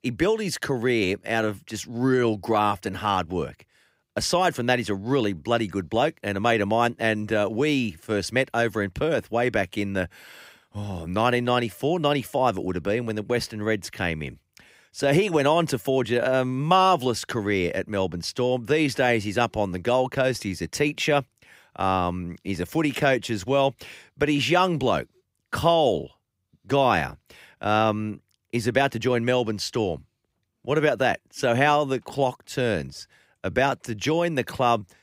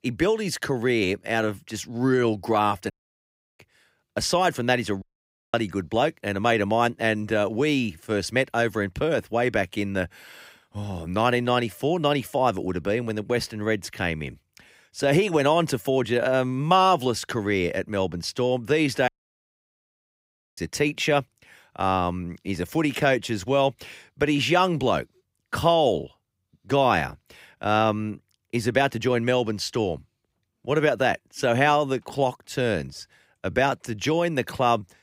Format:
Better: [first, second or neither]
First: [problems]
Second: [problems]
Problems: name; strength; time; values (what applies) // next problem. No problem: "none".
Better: first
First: none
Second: audio cutting out; at 3 s for 0.5 s, at 5 s for 0.5 s and at 19 s for 1.5 s